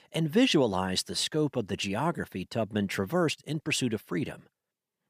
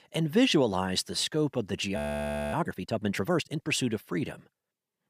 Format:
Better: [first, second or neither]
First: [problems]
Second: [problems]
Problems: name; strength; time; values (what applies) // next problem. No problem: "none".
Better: first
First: none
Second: audio freezing; at 2 s for 0.5 s